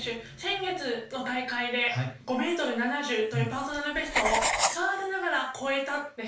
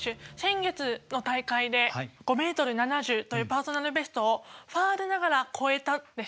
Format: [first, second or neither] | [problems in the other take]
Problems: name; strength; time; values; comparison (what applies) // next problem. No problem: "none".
second | background sound (Writing); 3 dB below the speech // room echo; dies away in 0.3 s